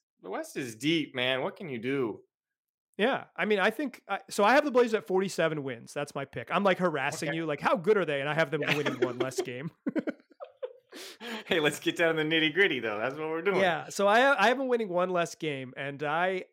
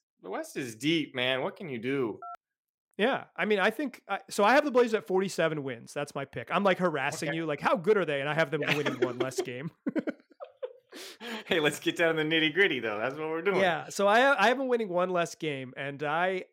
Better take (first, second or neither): first